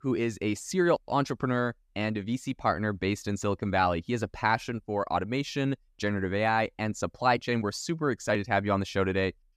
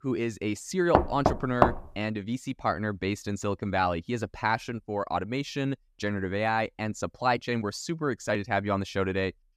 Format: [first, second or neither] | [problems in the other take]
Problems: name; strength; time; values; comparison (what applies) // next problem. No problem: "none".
first | door banging; loud; at 1 s; peak 5 dB above the speech